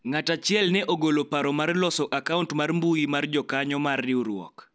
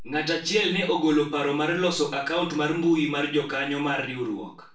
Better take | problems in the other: first | room echo; dies away in 0.3 s

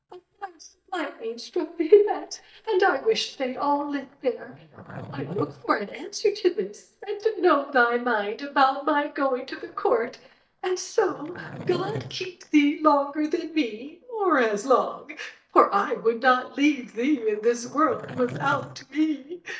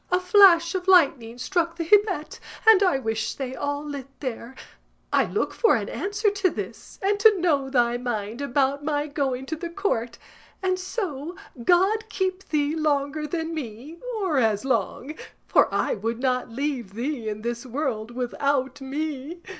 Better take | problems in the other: second | noise reduction (neural mask model DeepFilterNet 3)

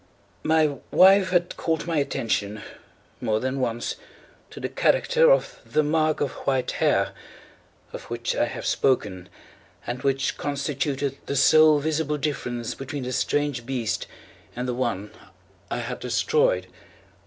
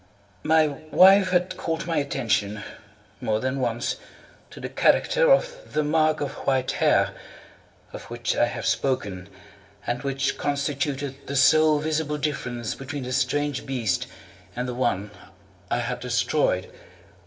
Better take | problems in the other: first | room echo; dies away in 1 s

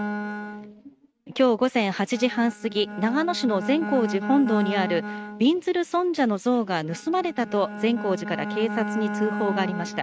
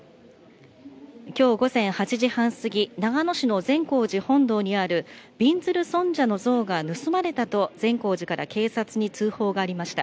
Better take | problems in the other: second | noise reduction (neural mask model RNNoise)

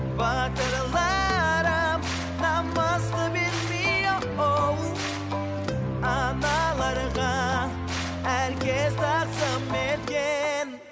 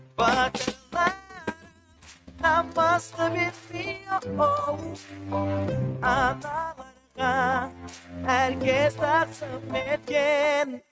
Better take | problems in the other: first | noise reduction (neural mask model RNNoise)

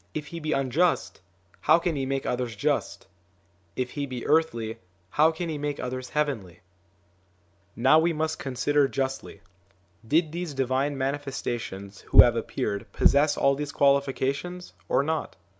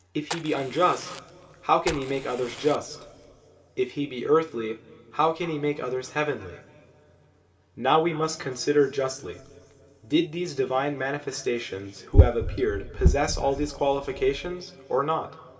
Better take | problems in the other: first | background sound (Fire); 14 dB below the speech // room echo; dies away in 2.7 s

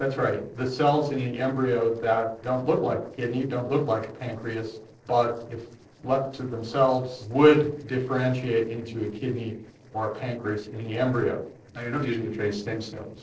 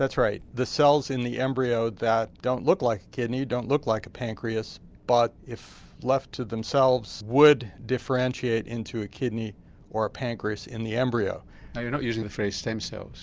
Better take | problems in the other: second | noise reduction (neural separator model SepFormer DNS4)

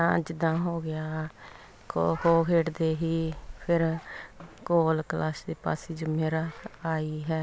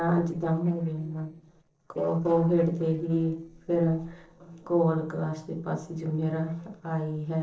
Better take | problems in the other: first | noise reduction (neural separator model SepFormer DNS4)

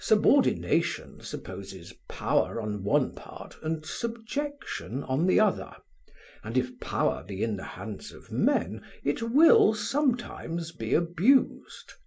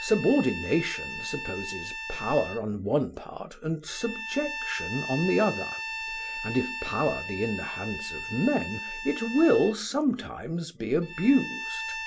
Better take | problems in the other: first | background sound (Bowed string instrument); 9 dB below the speech

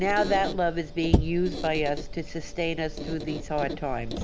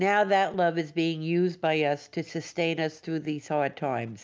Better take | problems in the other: second | background sound (Squeak); 2 dB below the speech

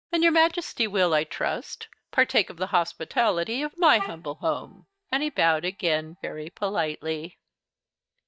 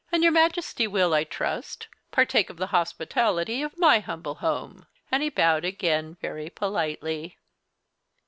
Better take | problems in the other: second | noise reduction (neural mask model DeepFilterNet 3)

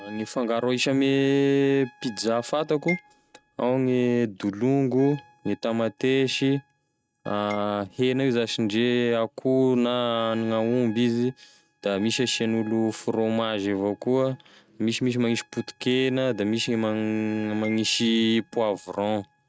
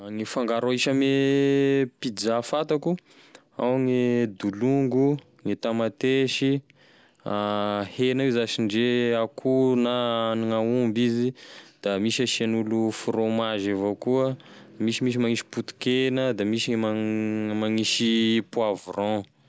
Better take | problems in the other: second | noise reduction (neural mask model RNNoise)

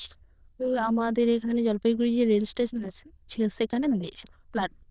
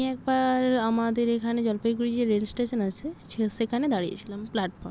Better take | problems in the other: second | noise reduction (neural diffusion model UNIVERSE++)

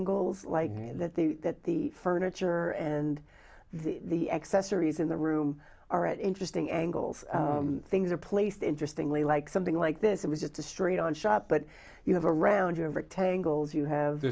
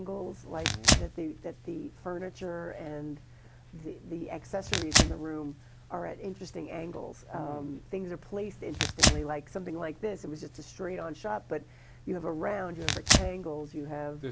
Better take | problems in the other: first | background sound (Tearing); 4 dB above the speech

